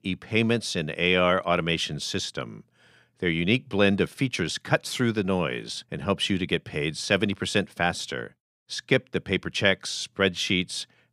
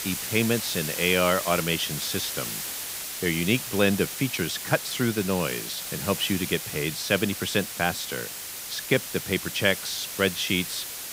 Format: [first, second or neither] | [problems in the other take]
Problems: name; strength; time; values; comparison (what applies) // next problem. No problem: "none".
first | hiss; loud; throughout; 5 dB below the speech